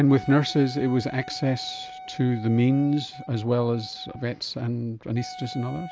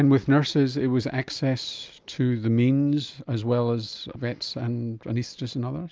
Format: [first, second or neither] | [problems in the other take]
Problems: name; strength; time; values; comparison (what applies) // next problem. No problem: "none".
second | background sound (Wind instrument, woodwind instrument); 17 dB below the speech